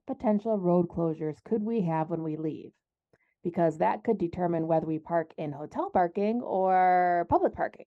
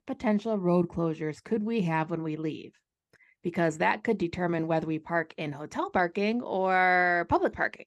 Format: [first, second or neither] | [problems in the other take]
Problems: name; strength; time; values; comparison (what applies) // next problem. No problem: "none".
second | muffled; slightly; fading above 1 kHz